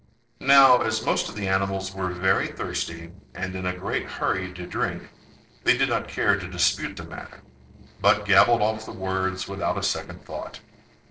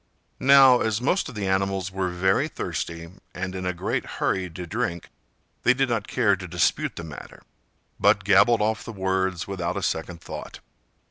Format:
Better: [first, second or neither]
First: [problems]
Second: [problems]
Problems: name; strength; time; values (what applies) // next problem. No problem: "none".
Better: second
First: noise reduction (neural separator model SepFormer DNS4)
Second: none